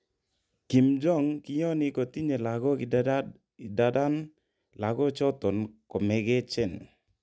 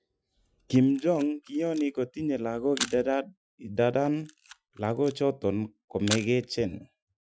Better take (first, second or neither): first